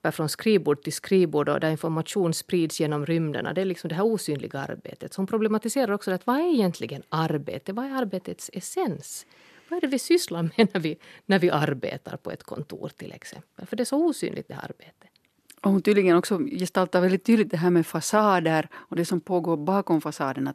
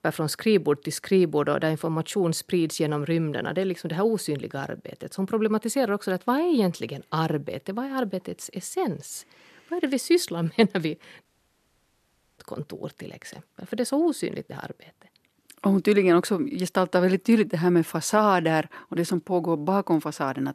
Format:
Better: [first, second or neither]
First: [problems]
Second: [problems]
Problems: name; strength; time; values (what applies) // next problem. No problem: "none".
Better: first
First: none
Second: audio cutting out; at 11 s for 1 s